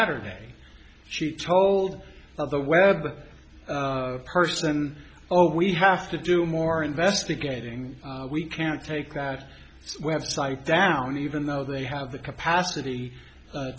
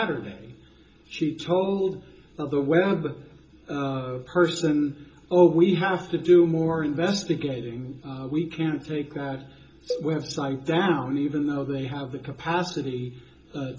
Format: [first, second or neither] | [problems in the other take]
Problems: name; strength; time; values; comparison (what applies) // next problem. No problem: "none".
first | background sound (Cowbell); 13 dB below the speech // room echo; dies away in 0.2 s